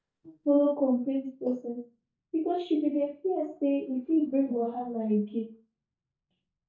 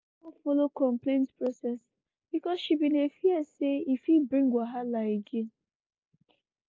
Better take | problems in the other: second | noise reduction (neural mask model DeepFilterNet 3)

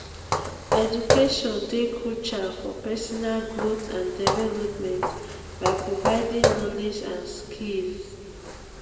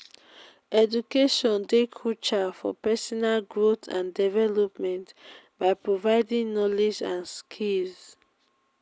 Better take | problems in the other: second | background sound (Walk, footsteps); 1 dB below the speech // room echo; dies away in 1.8 s

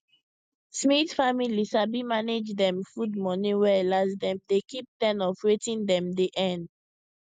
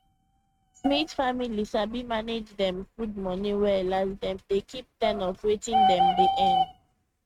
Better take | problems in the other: first | noise reduction (neural mask model RNNoise)

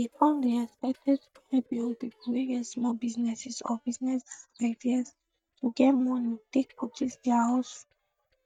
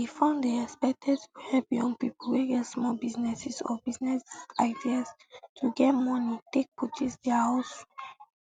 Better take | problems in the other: second | noise reduction (neural mask model DeepFilterNet 3)

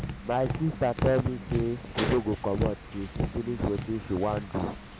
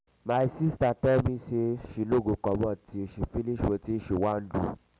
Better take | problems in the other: second | background sound (Tap); 5 dB below the speech

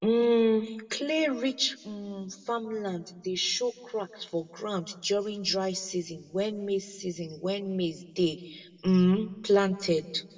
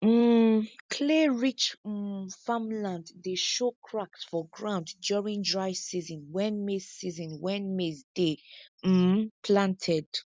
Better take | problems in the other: second | room echo; dies away in 1.2 s

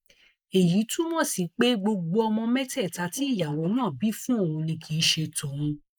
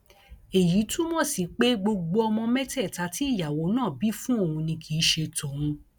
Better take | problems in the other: second | noise reduction (neural mask model Resemble Enhance denoiser)

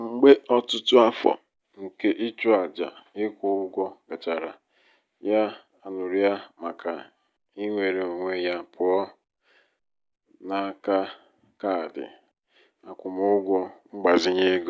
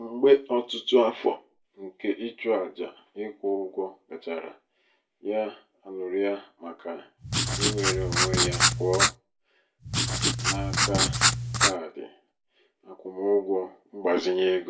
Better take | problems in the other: first | background sound (Writing); 4 dB above the speech // room echo; dies away in 0.2 s

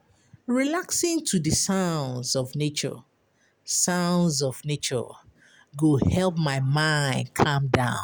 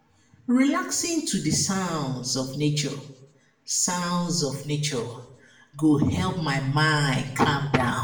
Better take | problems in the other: first | room echo; dies away in 0.7 s

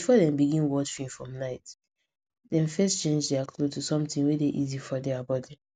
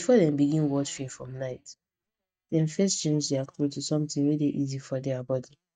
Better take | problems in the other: first | noise reduction (neural mask model DeepFilterNet 3)

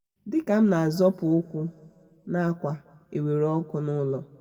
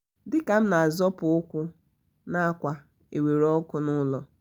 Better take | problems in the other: second | room echo; dies away in 1.4 s

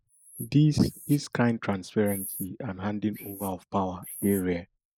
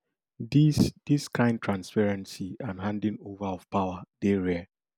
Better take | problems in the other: second | noise reduction (neural mask model Resemble Enhance denoiser)

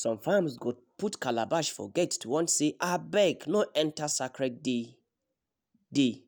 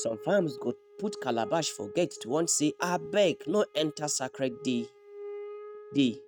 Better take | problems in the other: first | noise reduction (neural mask model RNNoise)

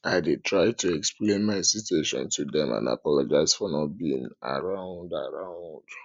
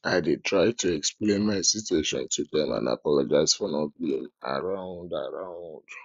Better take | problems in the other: first | noise reduction (neural mask model Resemble Enhance denoiser)

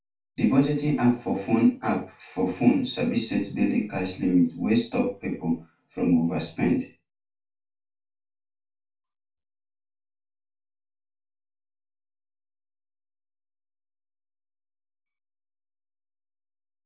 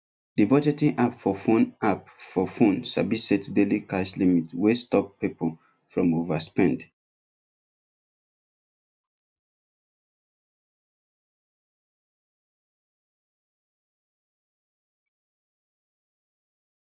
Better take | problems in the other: second | room echo; dies away in 0.3 s

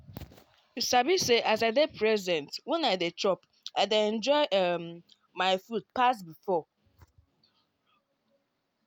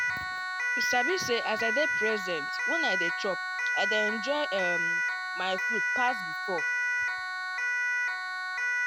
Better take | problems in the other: first | background sound (Siren); 4 dB above the speech

